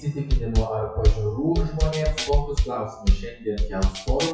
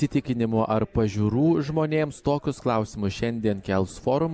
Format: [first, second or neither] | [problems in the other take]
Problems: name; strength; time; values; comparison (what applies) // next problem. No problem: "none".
second | noise reduction (classical method WPE with log-MMSE)